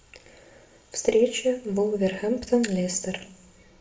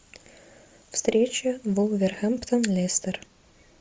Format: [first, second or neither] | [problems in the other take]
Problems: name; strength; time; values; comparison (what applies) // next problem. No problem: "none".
second | room echo; dies away in 0.6 s